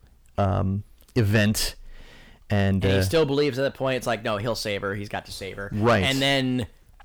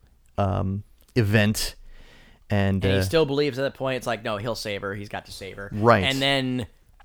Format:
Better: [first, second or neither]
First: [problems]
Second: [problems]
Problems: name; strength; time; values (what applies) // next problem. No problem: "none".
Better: second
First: distortion; slight; 10 dB below the speech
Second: none